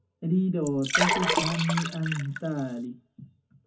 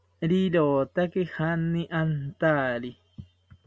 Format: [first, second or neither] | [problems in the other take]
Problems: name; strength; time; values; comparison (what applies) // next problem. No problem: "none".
second | background sound (Liquid); as loud as the speech // room echo; dies away in 0.3 s